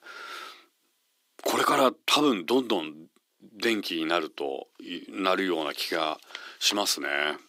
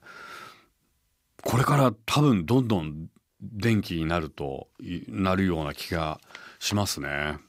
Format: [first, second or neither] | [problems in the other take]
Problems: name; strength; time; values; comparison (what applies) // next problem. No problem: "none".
second | thin; somewhat; fading below 300 Hz